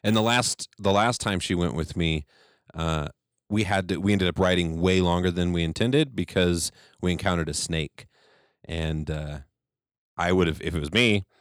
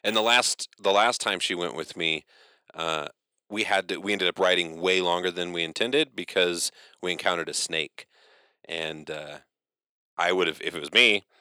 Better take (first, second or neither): first